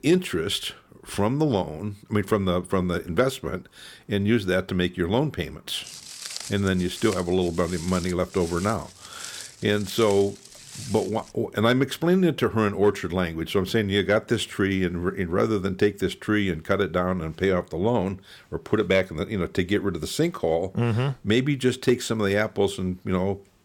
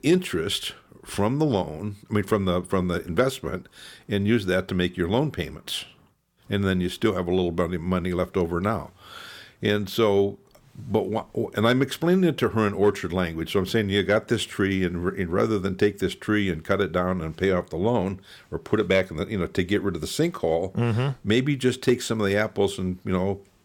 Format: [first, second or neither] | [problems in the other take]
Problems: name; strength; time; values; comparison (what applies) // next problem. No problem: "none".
second | footsteps; noticeable; from 6 to 11 s; peak 8 dB below the speech